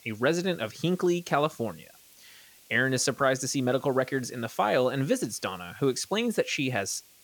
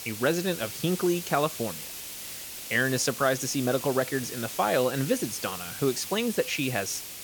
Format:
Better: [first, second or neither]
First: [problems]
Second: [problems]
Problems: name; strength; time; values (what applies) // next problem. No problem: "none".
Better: first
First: hiss; faint; throughout; 25 dB below the speech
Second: hiss; loud; throughout; 8 dB below the speech